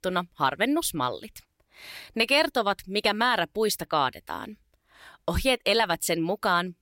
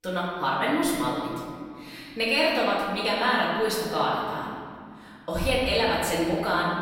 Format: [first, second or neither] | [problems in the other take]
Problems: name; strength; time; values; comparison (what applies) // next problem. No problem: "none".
first | off-mic speech; far // room echo; noticeable; dies away in 2 s